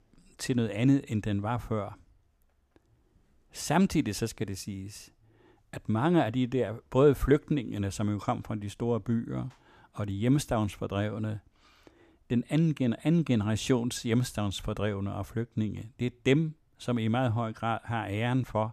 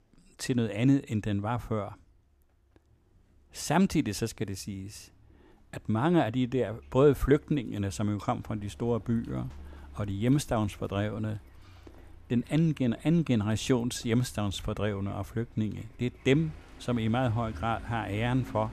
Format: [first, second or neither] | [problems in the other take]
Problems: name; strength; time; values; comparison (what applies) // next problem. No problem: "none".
first | traffic noise; faint; throughout; 20 dB below the speech